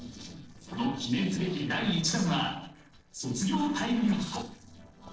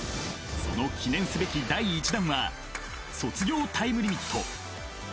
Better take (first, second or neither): second